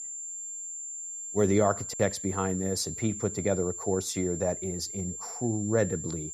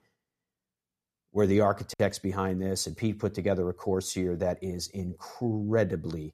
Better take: second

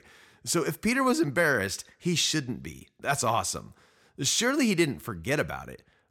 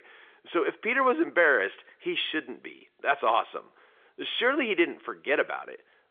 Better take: first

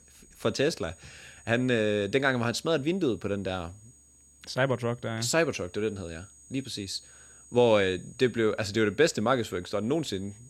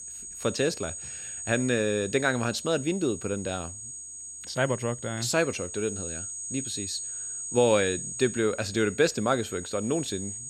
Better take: first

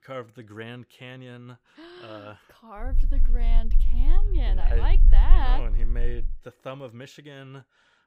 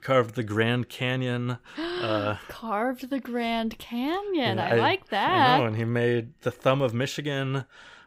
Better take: second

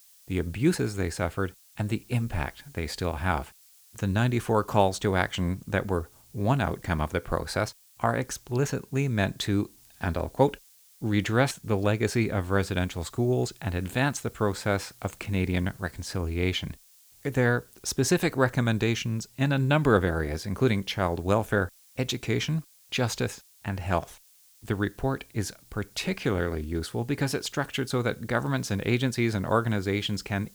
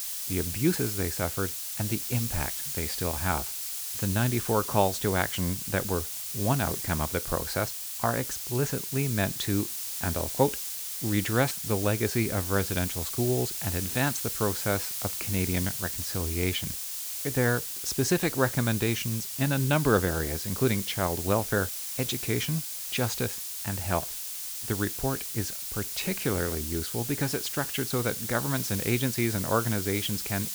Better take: first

